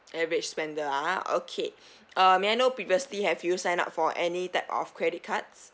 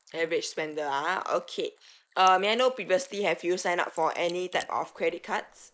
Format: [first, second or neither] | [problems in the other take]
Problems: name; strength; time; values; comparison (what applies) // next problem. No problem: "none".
first | noise reduction (neural mask model Resemble Enhance denoiser)